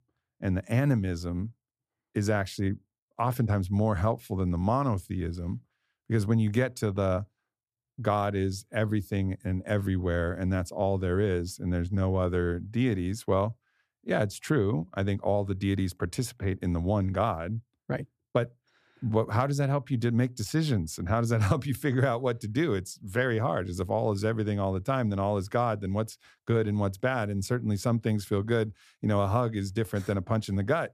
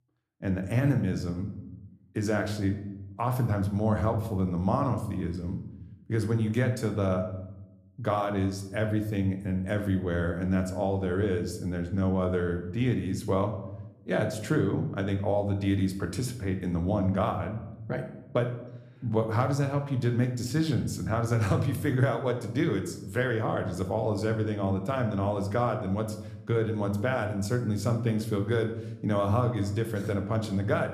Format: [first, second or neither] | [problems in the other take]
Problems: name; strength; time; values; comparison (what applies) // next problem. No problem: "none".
first | room echo; slight; dies away in 0.7 s